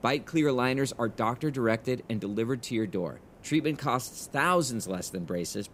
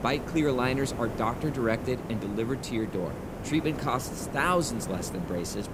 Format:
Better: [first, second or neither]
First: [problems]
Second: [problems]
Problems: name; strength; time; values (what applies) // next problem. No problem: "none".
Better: first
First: hiss; faint; throughout; 25 dB below the speech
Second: hiss; loud; throughout; 7 dB below the speech